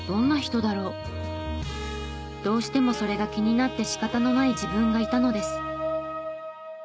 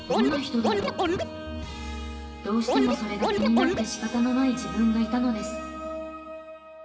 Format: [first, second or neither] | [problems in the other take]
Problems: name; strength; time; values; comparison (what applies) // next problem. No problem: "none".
first | background sound (Scratching (performance technique)); as loud as the speech // room echo; dies away in 2 s